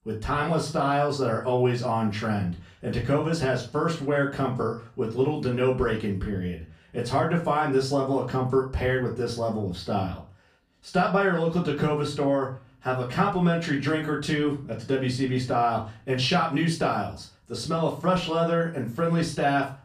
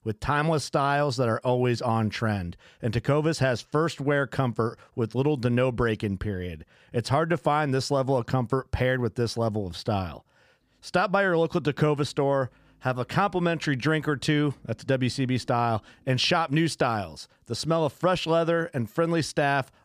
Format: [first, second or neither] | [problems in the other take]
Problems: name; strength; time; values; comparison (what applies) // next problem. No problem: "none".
second | off-mic speech; far // room echo; slight; dies away in 0.3 s